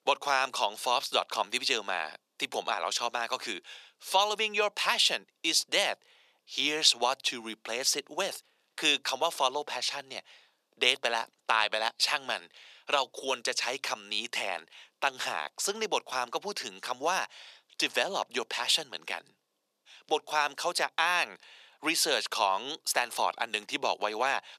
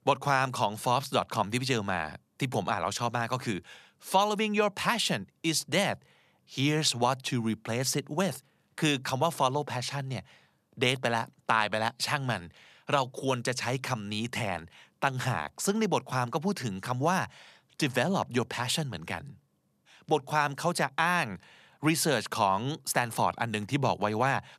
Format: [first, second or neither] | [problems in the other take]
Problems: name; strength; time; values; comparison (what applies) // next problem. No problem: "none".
second | thin; very; fading below 400 Hz